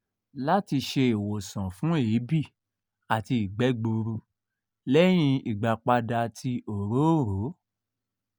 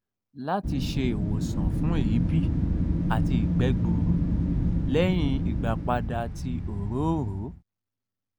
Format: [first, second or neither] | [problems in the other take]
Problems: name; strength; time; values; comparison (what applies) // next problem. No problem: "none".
first | background sound (Wind); 4 dB above the speech